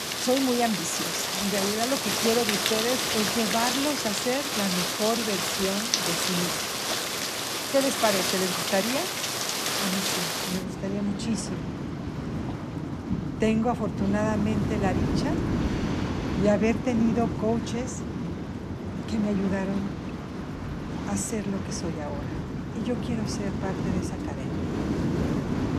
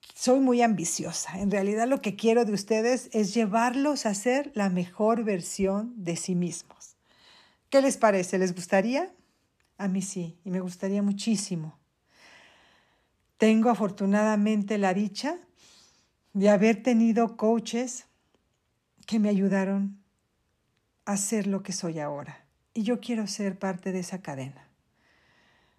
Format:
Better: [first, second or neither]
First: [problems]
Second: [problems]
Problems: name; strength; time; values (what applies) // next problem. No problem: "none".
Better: second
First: rain or running water; very loud; throughout; 1 dB above the speech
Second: none